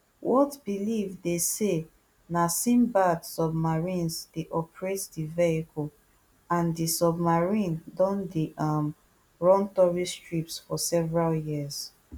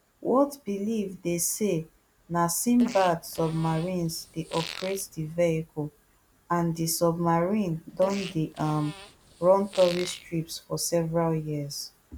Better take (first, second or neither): first